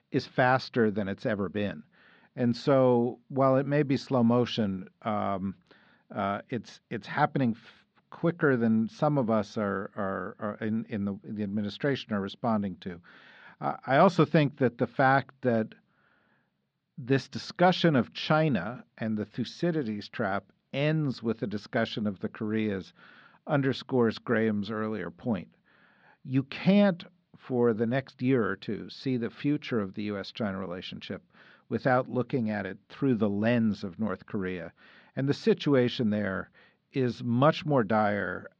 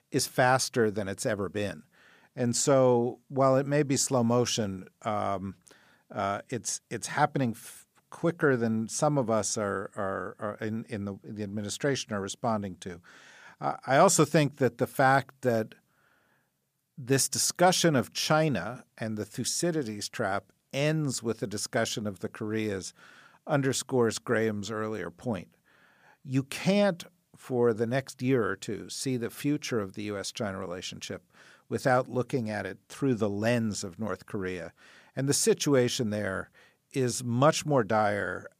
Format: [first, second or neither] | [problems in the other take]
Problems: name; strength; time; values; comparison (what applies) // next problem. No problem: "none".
second | muffled; slightly; fading above 4 kHz